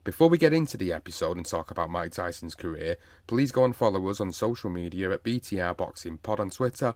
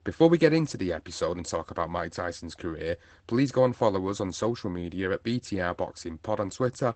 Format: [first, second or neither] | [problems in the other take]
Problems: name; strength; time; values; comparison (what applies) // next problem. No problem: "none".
first | garbled, watery; badly; nothing above 8 kHz; slightly in the first